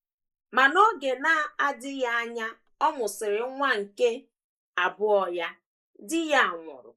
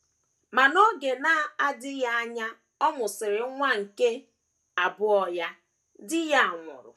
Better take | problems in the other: second | noise reduction (neural mask model Resemble Enhance denoiser)

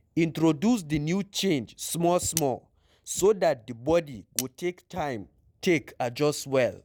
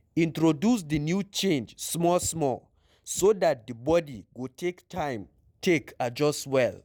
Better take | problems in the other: second | background sound (Cutlery, silverware); 13 dB below the speech

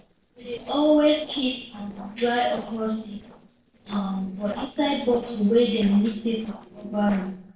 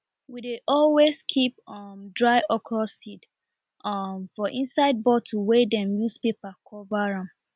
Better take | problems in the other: second | noise reduction (neural separator model SepFormer DNS4)

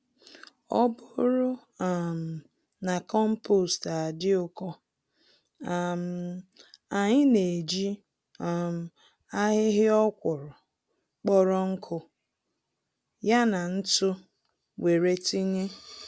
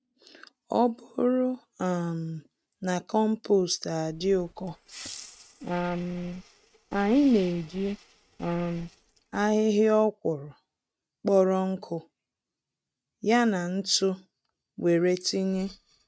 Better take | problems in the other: first | noise reduction (neural mask model RNNoise)

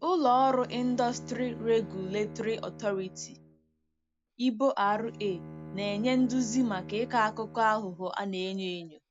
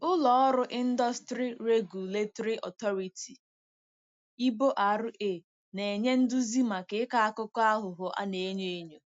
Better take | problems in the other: second | background sound (Bowed string instrument); 15 dB below the speech

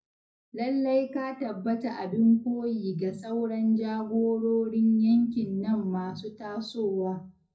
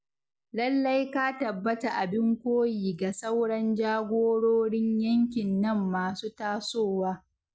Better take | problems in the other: second | room echo; dies away in 0.4 s

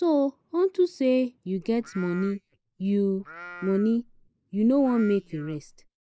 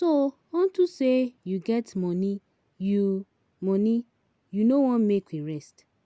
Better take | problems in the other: second | noise reduction (neural mask model Resemble Enhance denoiser)

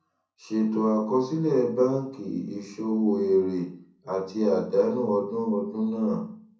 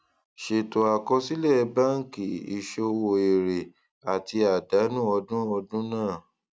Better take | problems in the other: second | room echo; dies away in 0.6 s

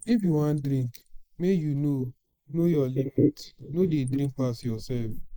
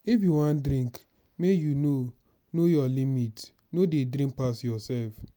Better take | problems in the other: second | noise reduction (neural mask model Resemble Enhance denoiser)

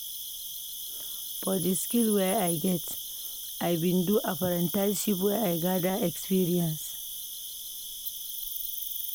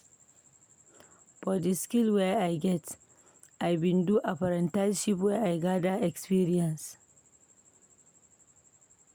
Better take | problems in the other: second | background sound (Cricket); 6 dB below the speech

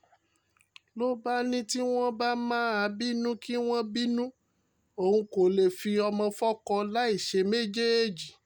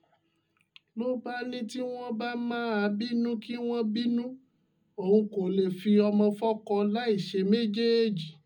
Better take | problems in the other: first | room echo; dies away in 0.4 s

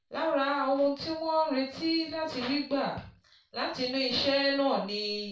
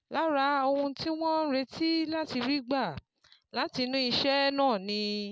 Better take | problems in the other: second | room echo; dies away in 0.3 s

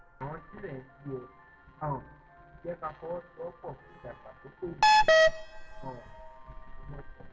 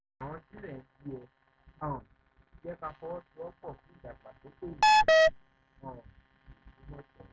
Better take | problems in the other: second | background sound (Vehicle horn, car horn, honking); 19 dB below the speech // room echo; dies away in 1.9 s

